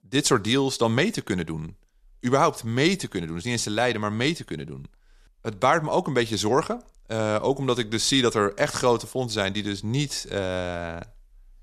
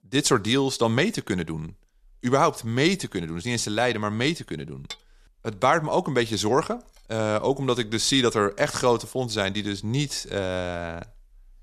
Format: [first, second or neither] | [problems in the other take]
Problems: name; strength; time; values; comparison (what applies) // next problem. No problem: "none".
first | clattering dishes; faint; at 5 s; peak 15 dB below the speech